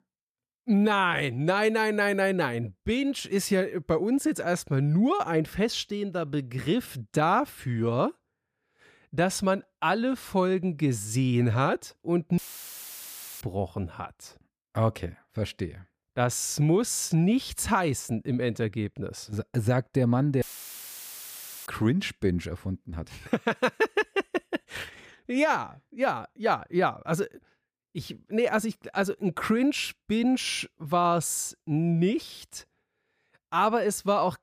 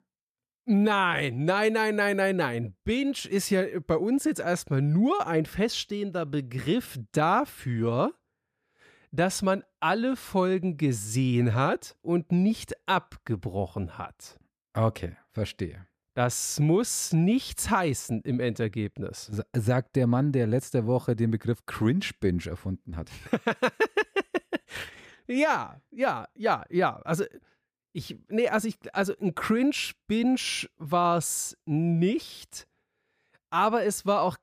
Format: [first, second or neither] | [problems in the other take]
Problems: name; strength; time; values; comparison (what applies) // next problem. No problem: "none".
second | audio cutting out; filled with static; at 12 s for 1 s and at 20 s for 1 s